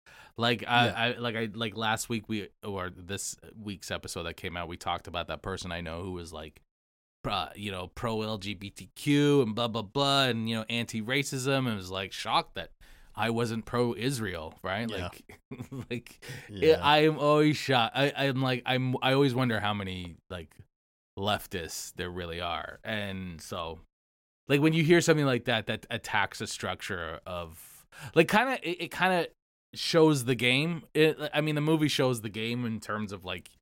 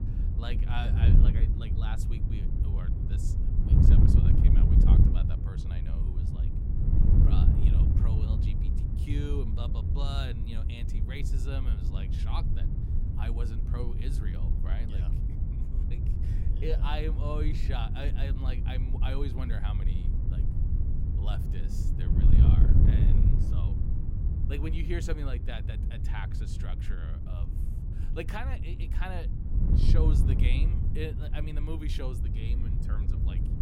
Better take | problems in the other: first | wind noise on the microphone; heavy; 1 dB below the speech

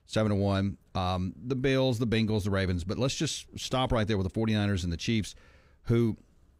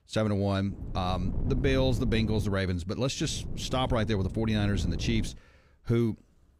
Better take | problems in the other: first | wind noise on the microphone; occasional gusts; from 0.5 to 2.5 s and from 3 to 5.5 s; 15 dB below the speech

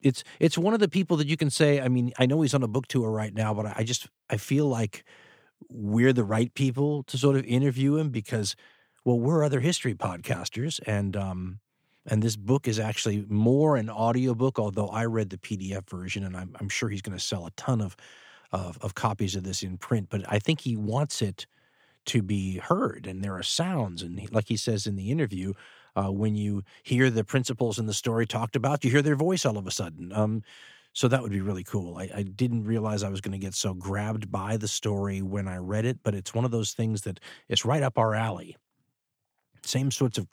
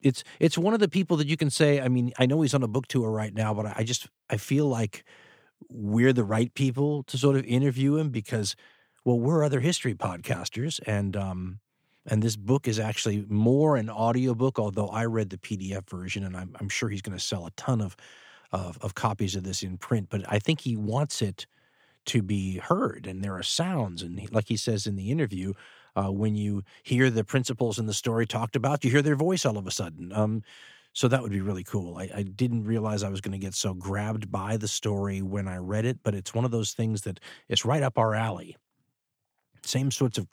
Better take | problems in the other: neither | none

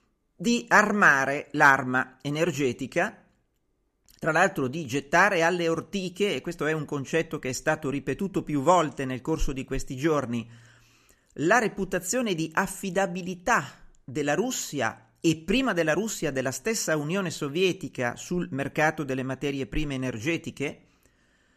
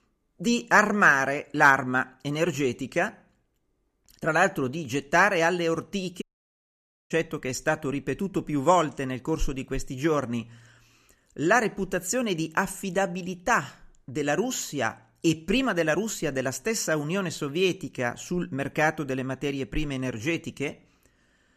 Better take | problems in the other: first | audio cutting out; at 6 s for 1 s

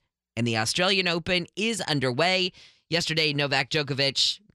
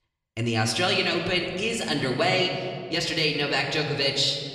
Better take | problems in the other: first | room echo; slight; dies away in 1.8 s // off-mic speech; somewhat distant

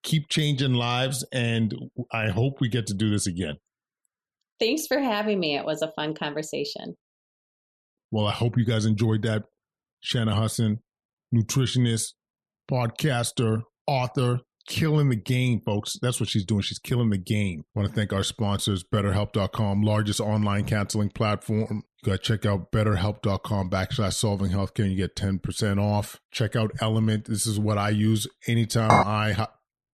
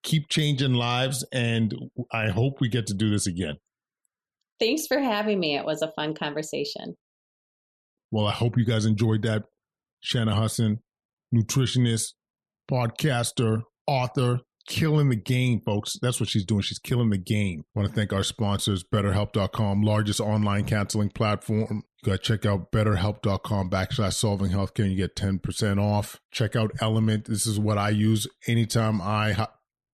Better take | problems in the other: second | clattering dishes; loud; at 29 s; peak 5 dB above the speech

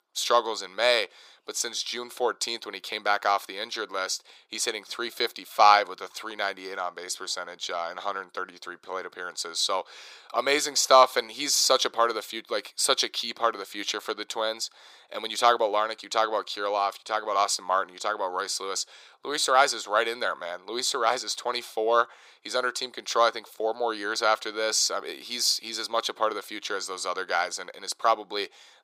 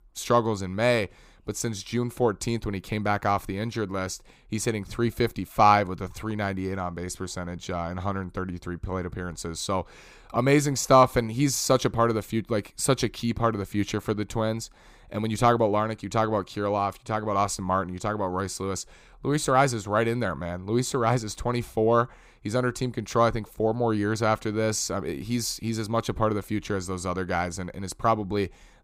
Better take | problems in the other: second | thin; very; fading below 500 Hz

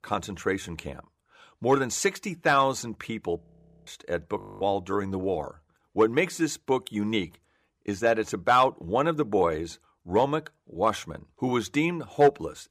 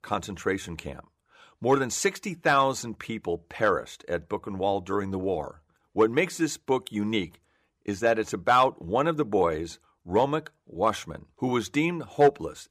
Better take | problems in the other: second | audio freezing; at 3.5 s and at 4.5 s

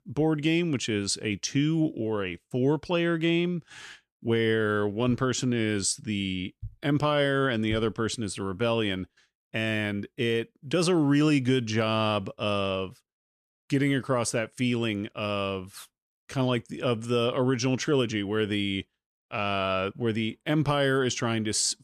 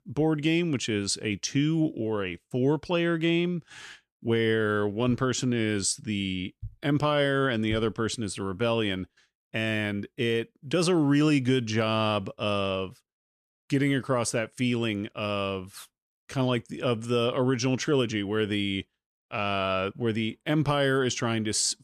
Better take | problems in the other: neither | none

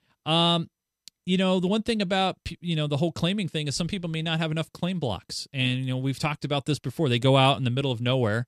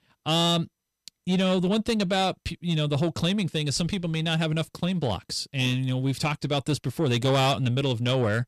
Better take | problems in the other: first | distortion; slight; 10 dB below the speech

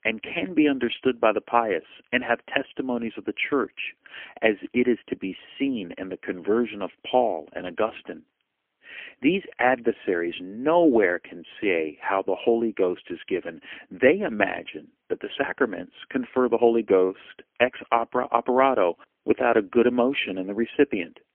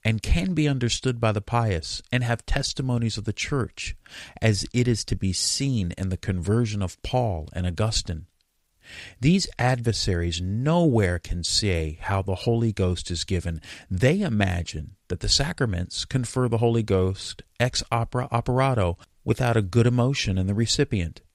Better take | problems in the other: second | phone-call audio; poor line; nothing above 3 kHz

